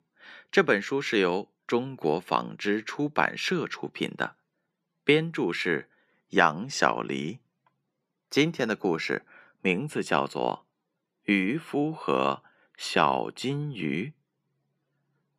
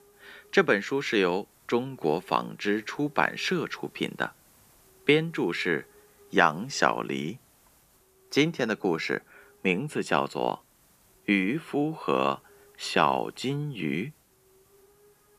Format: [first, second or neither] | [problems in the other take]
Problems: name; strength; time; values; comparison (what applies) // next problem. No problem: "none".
first | hiss; faint; throughout; 30 dB below the speech